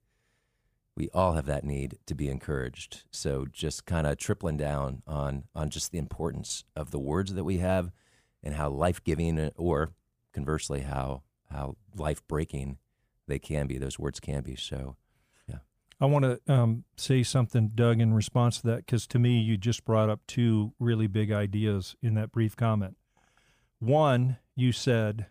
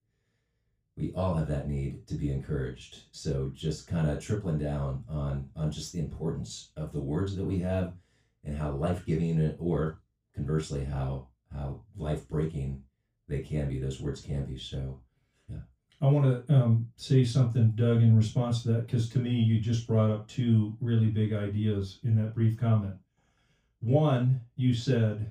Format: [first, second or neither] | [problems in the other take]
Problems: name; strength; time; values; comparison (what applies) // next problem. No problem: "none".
first | room echo; noticeable; dies away in 0.2 s // off-mic speech; far